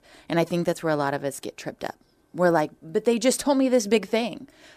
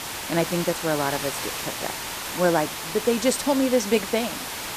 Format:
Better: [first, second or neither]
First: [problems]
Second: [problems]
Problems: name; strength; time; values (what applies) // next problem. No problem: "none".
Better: first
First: none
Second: hiss; loud; throughout; 5 dB below the speech